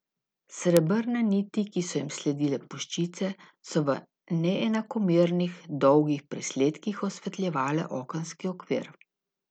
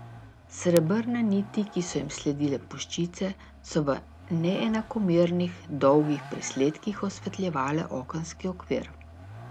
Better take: first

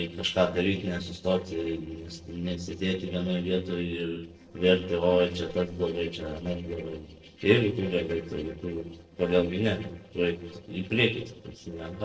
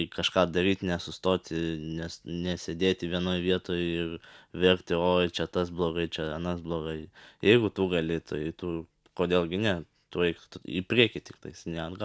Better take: second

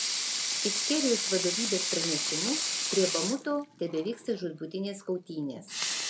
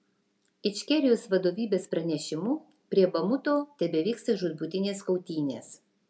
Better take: second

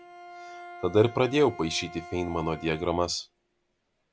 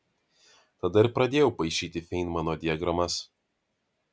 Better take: second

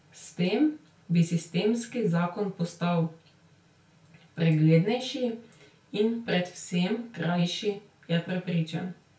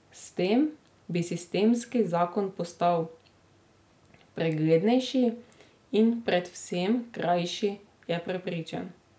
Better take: second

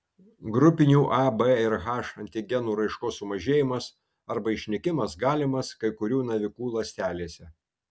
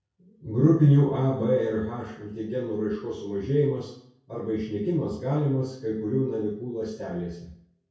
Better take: first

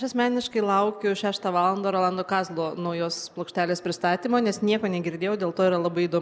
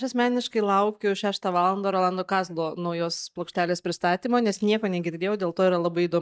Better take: first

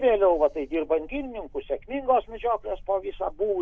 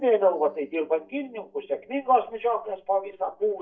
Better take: first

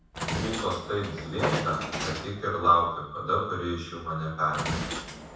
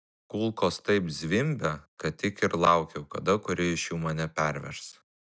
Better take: second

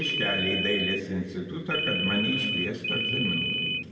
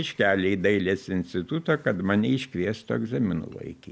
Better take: second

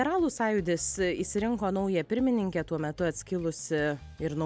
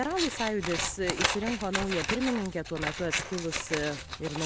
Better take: first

